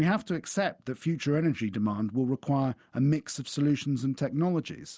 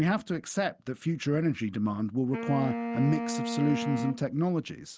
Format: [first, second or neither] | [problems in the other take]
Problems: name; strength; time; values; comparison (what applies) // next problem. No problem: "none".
first | background sound (Wind instrument, woodwind instrument); 6 dB below the speech